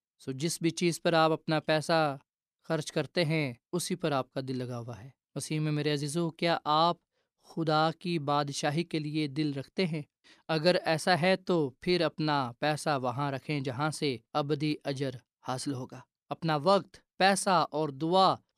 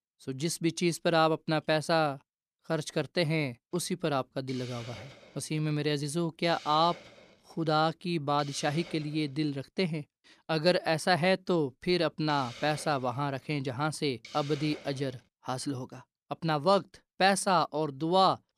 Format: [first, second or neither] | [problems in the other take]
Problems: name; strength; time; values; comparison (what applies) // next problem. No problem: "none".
first | hiss; noticeable; from 3.5 to 9.5 s and from 12 to 15 s; 20 dB below the speech